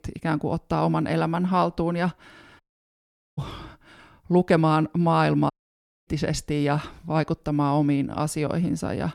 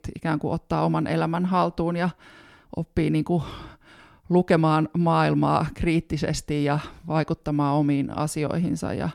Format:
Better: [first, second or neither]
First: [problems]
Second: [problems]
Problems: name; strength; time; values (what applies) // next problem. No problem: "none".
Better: second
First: audio cutting out; at 2.5 s for 1 s and at 5.5 s for 0.5 s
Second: none